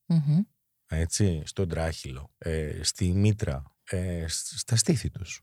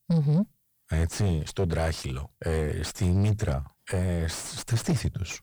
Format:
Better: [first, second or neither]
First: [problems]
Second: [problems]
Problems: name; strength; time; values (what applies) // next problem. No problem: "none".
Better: first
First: none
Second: distortion; heavy; 6 dB below the speech